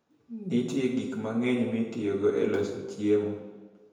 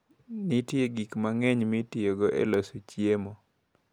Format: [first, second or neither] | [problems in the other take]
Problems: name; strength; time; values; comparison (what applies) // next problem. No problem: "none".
second | room echo; dies away in 0.9 s